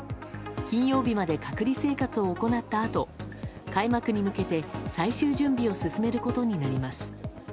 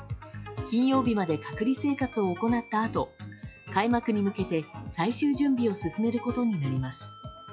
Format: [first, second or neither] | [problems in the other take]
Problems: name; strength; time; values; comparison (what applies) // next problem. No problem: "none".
first | noise reduction (classical method log-MMSE)